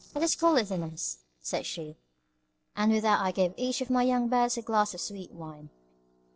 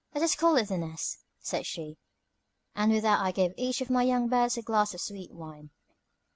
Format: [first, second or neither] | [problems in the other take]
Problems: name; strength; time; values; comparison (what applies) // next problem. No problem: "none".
second | noise reduction (neural separator model SepFormer DNS4)